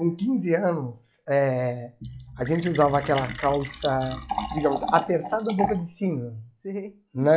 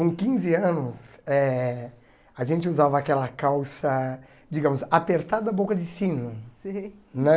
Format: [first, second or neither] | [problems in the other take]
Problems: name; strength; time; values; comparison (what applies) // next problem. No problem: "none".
second | noise reduction (classical method log-MMSE)